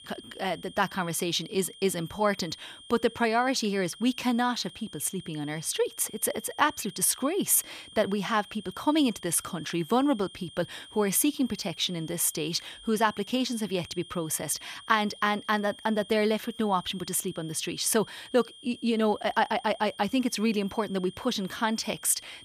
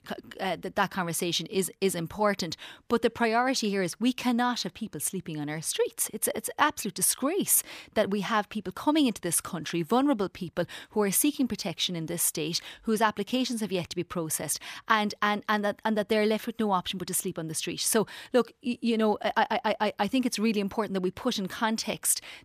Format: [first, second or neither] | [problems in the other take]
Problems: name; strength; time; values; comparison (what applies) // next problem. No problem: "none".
second | high-pitched whine; noticeable; throughout; 3 kHz, 20 dB below the speech